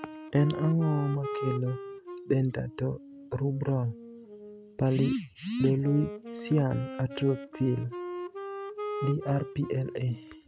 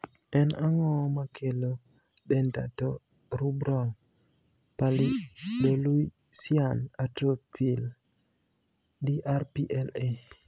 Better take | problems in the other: second | background sound (Wind instrument, woodwind instrument); 10 dB below the speech

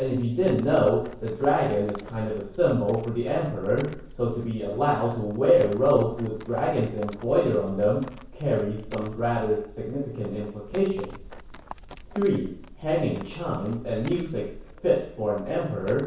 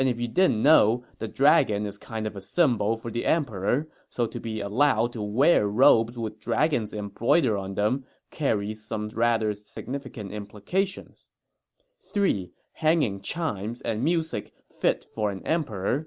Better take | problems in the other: second | background sound (Livestock, farm animals, working animals); 16 dB below the speech // room echo; dies away in 0.6 s

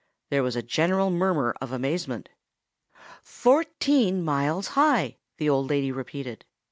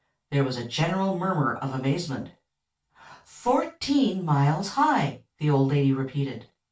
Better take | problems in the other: first | room echo; dies away in 0.2 s

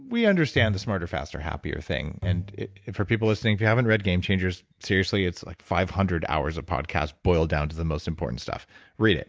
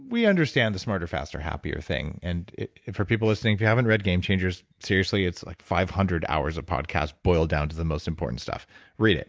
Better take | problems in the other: second | background sound (Bowed string instrument); 9 dB below the speech

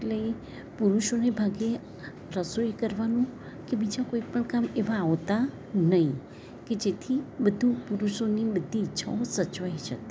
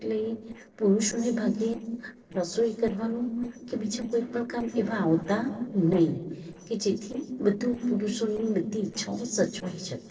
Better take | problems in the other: first | noise reduction (neural separator model SepFormer DNS4)

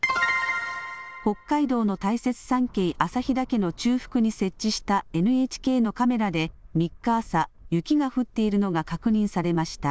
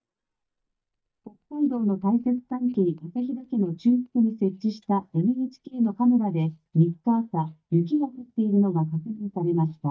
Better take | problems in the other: first | noise reduction (neural mask model DeepFilterNet 3)

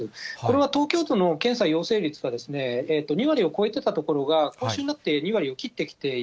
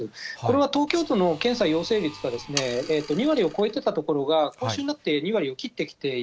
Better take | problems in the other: first | background sound (Sawing); 15 dB below the speech

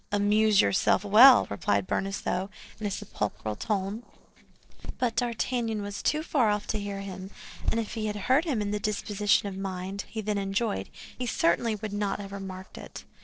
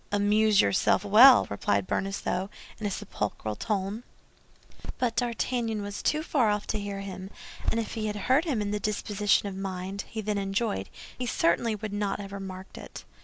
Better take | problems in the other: second | noise reduction (neural separator model SepFormer DNS4)

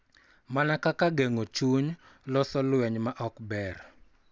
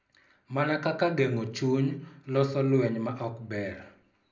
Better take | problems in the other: first | room echo; dies away in 0.5 s

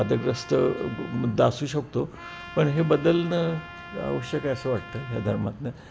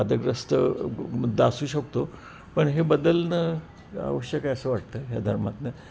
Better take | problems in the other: second | background sound (Trumpet); 17 dB below the speech

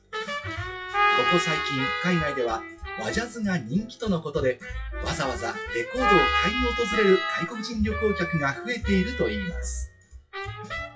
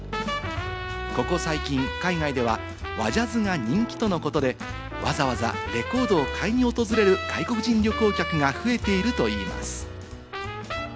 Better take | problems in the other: second | noise reduction (classical method WPE with log-MMSE)

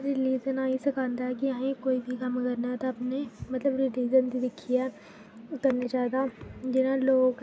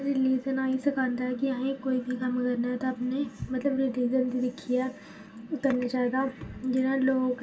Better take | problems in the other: first | room echo; dies away in 0.2 s

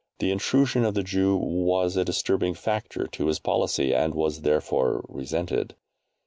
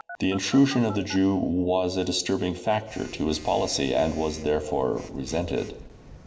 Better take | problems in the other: first | background sound (Telephone); 19 dB below the speech // room echo; dies away in 1 s

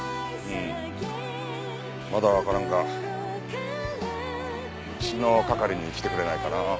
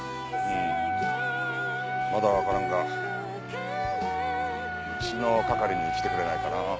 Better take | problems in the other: first | background sound (Wind instrument, woodwind instrument); as loud as the speech

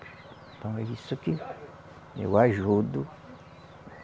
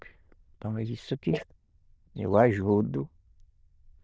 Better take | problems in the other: first | noise reduction (neural diffusion model UNIVERSE++)

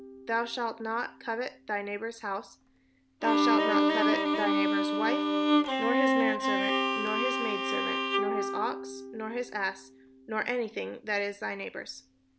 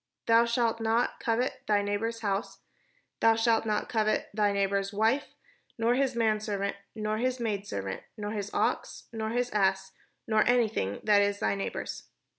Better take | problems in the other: second | background sound (Bowed string instrument); 4 dB above the speech

